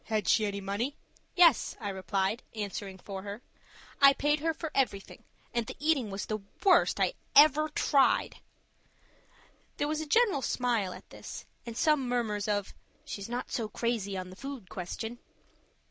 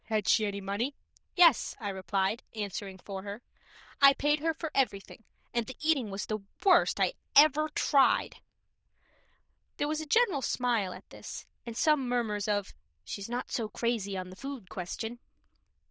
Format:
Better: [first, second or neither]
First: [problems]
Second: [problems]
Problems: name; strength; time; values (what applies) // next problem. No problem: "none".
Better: first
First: none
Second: noise reduction (neural diffusion model UNIVERSE++)